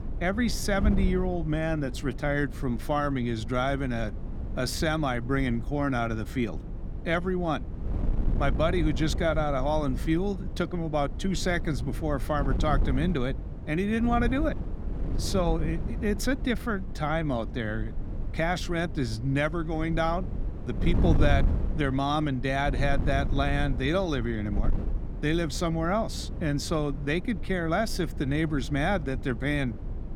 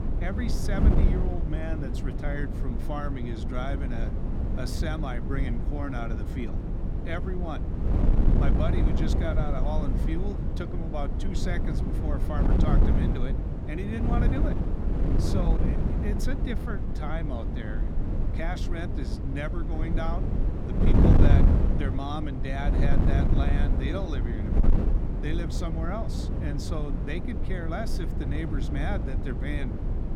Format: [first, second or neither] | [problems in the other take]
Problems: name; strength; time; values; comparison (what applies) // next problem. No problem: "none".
first | wind noise on the microphone; heavy; 1 dB below the speech; occasional gusts in the first